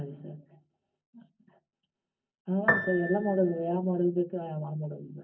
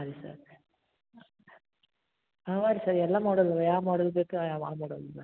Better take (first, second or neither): second